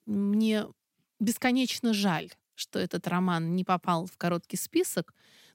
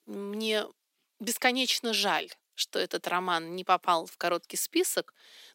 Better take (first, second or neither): first